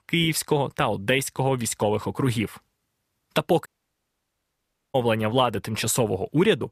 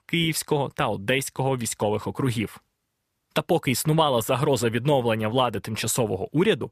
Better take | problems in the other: second | audio cutting out; at 3.5 s for 1.5 s

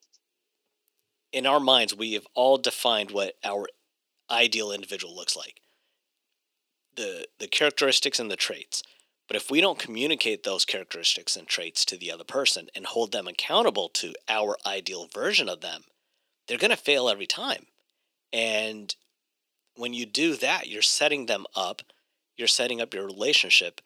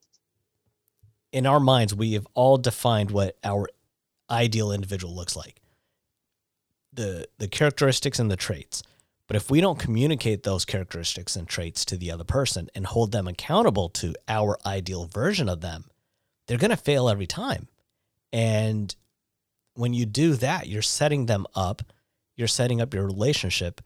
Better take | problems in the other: second | thin; somewhat; fading below 300 Hz

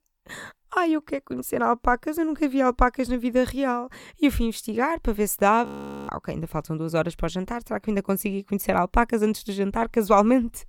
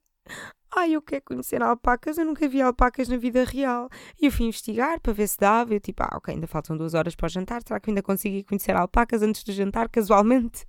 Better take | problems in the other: second | audio freezing; at 5.5 s

